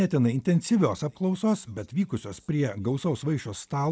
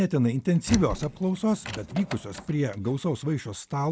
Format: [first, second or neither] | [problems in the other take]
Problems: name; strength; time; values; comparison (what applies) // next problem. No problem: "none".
first | background sound (Door); 11 dB below the speech